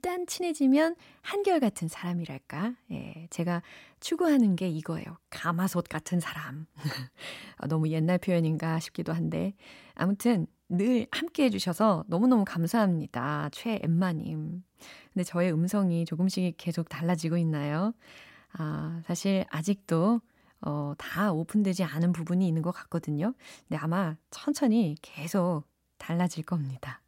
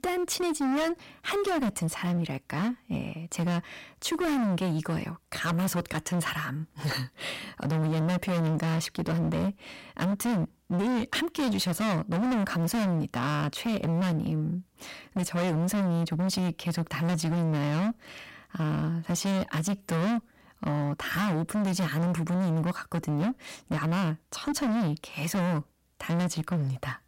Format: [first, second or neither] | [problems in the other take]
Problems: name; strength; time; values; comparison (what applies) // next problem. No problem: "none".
first | distortion; heavy; 30% of the sound clipped